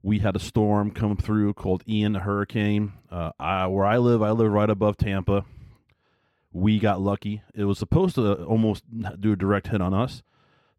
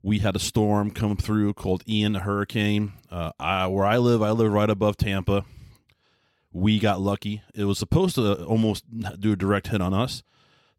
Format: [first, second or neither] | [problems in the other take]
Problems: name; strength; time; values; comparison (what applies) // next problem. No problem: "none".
second | muffled; slightly; fading above 3 kHz